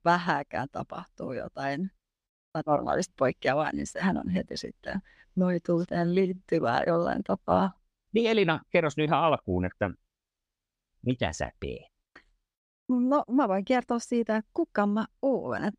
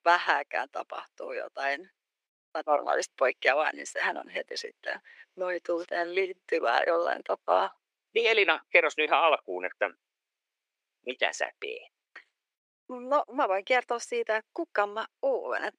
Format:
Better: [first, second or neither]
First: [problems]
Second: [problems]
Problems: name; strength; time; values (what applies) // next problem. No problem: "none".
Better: first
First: none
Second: thin; very; fading below 400 Hz